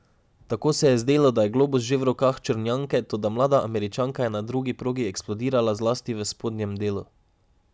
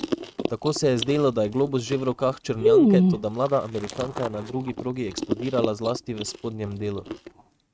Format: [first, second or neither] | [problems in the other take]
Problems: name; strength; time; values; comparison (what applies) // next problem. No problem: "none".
first | noise reduction (neural mask model RNNoise)